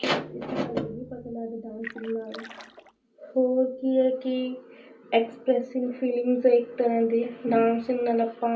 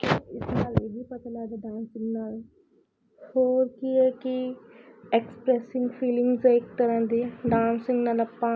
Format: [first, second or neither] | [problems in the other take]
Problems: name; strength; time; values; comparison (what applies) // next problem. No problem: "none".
second | background sound (Splash, splatter); 17 dB below the speech // room echo; dies away in 0.3 s